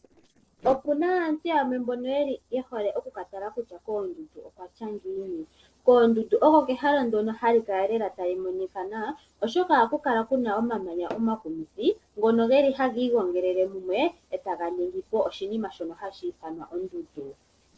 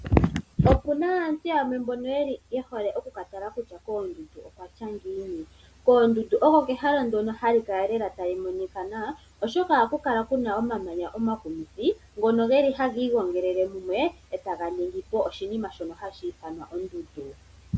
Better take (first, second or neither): second